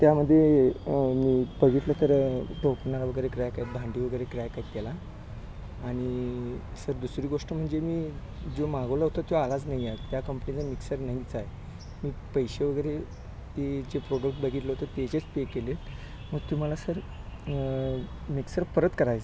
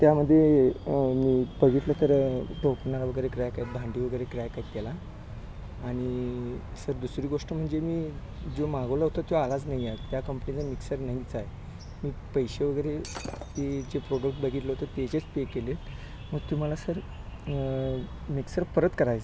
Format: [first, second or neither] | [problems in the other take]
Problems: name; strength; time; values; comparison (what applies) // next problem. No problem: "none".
first | background sound (Shatter); 17 dB below the speech